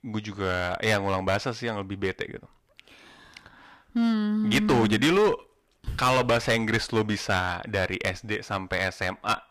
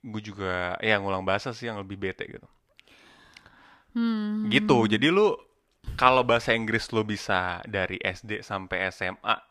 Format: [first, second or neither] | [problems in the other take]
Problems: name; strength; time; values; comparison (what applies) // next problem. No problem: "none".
second | distortion; heavy; 6% of the sound clipped